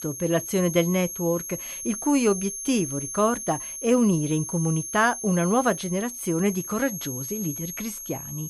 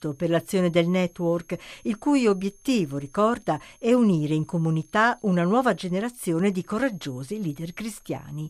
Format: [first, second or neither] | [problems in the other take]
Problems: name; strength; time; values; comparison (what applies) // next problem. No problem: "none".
second | high-pitched whine; loud; throughout; 6.5 kHz, 7 dB below the speech; faint in the second